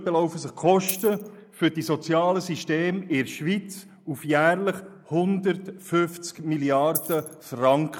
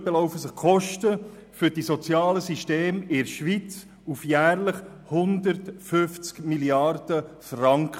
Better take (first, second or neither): second